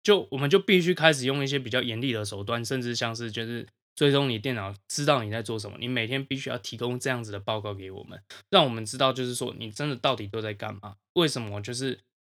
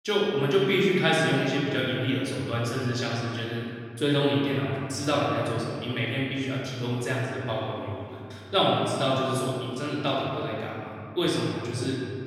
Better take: first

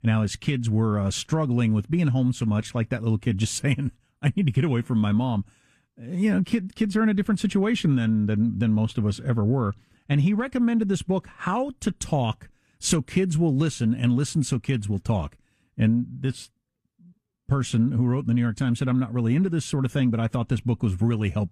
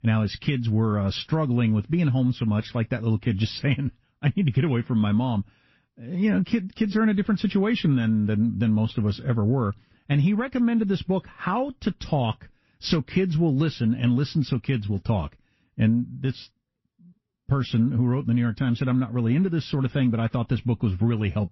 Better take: first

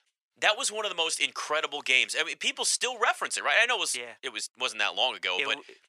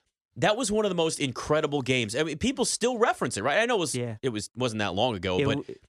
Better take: second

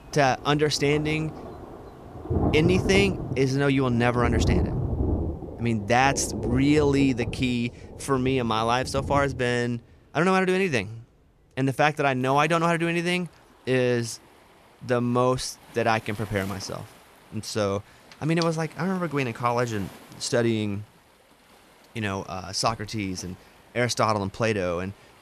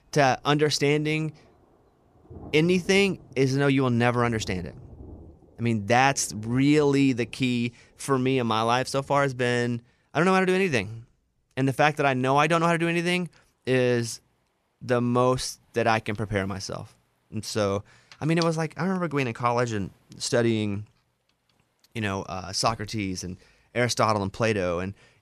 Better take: second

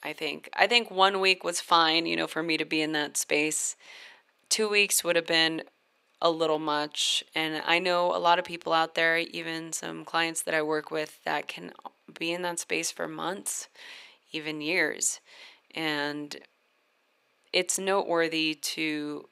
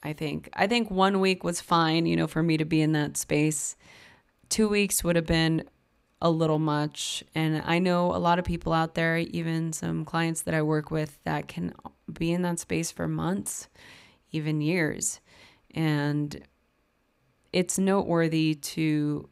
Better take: second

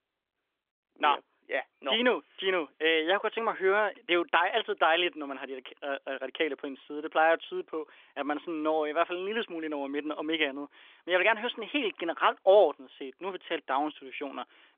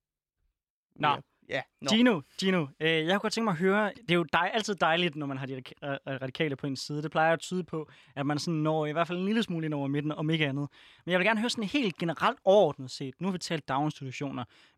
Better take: second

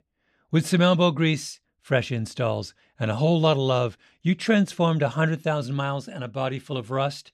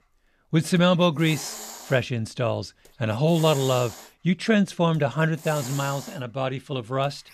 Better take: first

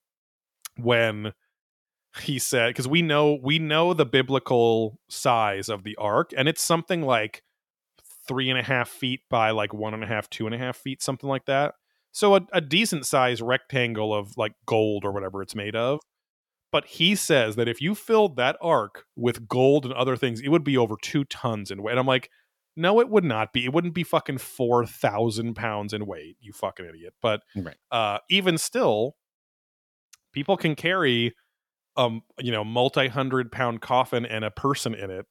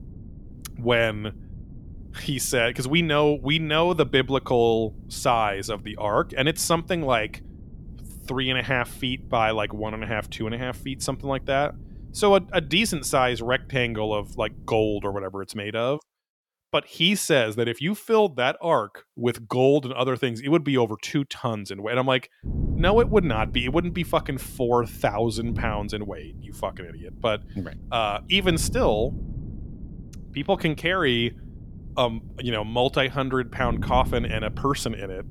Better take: first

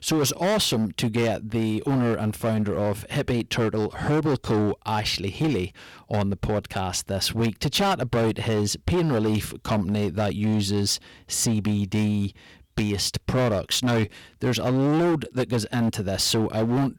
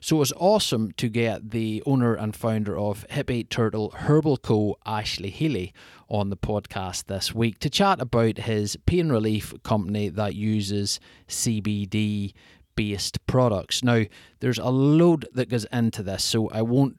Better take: second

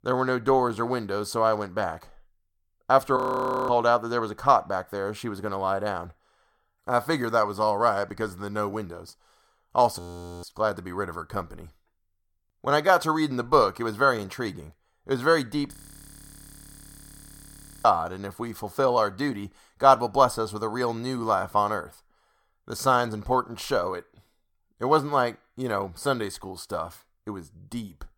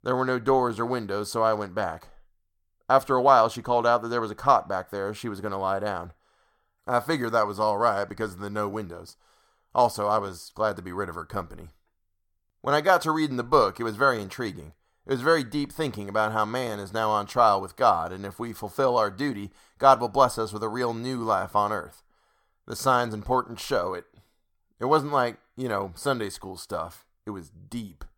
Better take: second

